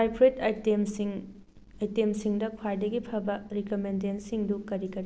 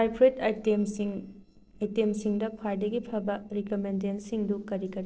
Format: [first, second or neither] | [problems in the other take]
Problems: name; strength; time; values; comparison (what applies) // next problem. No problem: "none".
first | noise reduction (neural separator model SepFormer DNS4)